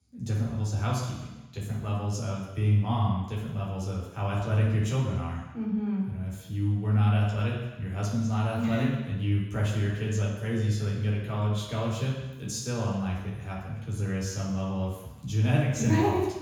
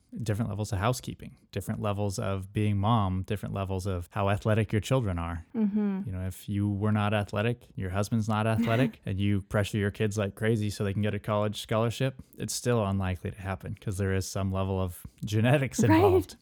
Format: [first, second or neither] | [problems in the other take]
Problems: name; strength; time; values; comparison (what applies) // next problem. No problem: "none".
second | room echo; noticeable; dies away in 1.1 s // off-mic speech; far